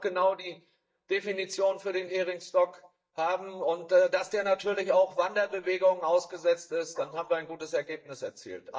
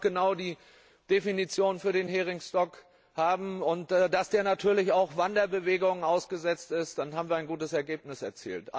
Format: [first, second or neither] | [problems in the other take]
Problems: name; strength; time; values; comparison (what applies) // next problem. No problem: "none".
second | noise reduction (neural mask model DeepFilterNet 3)